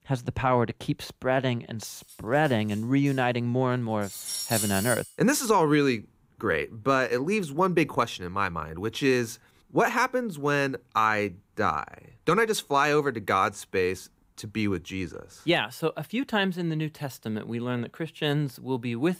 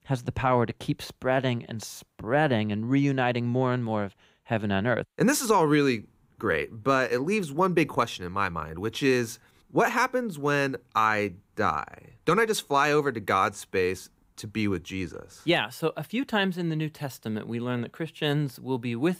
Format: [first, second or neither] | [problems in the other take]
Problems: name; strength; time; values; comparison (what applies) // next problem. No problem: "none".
second | clattering dishes; noticeable; from 2 to 5 s; peak 1 dB below the speech